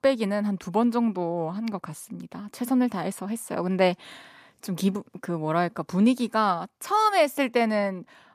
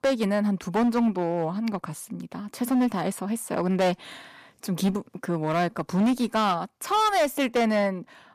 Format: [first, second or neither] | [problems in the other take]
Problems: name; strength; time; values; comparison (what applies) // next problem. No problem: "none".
first | distortion; slight; 9% of the sound clipped